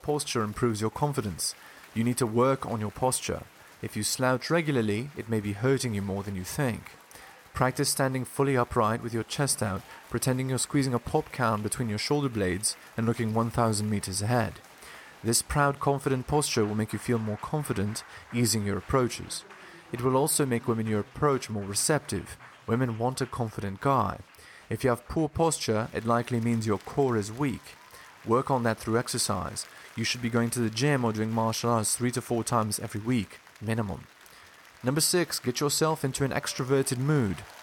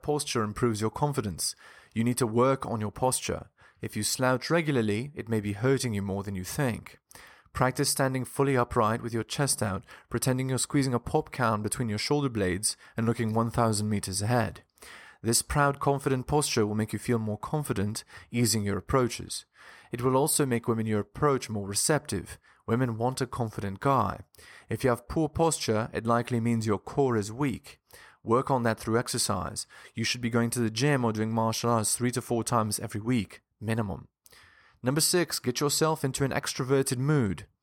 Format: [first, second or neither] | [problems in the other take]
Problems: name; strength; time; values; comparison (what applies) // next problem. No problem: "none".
second | crowd noise; faint; throughout; 20 dB below the speech